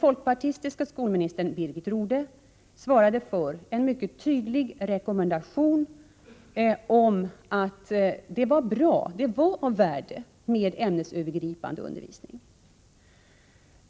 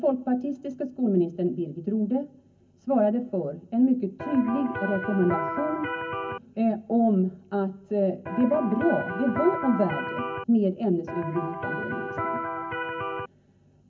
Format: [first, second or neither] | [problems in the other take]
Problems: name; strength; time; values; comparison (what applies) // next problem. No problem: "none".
first | background sound (Electric guitar); 5 dB below the speech // room echo; dies away in 0.3 s